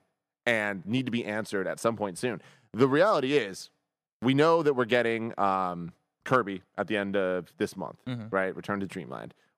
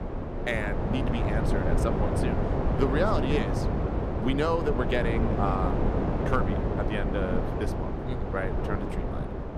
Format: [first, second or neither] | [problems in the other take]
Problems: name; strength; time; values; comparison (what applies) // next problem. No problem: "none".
first | wind noise on the microphone; heavy; 1 dB below the speech